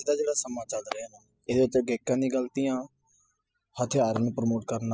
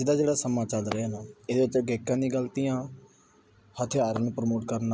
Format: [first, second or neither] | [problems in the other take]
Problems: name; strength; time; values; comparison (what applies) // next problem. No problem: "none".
second | noise reduction (classical method spectral subtraction)